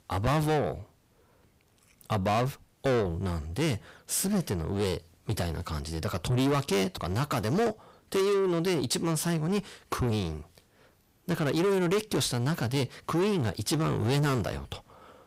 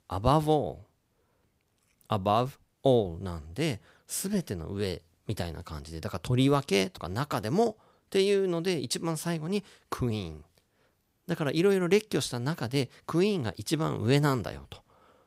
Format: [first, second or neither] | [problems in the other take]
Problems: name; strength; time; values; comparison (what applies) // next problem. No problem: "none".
second | distortion; heavy; 6 dB below the speech